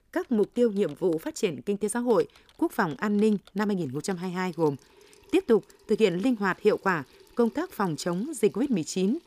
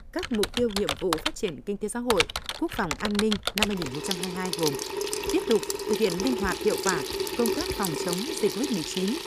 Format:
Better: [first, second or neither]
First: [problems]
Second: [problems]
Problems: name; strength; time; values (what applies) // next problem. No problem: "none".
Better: first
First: household noises; faint; throughout; 30 dB below the speech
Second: household noises; loud; throughout; as loud as the speech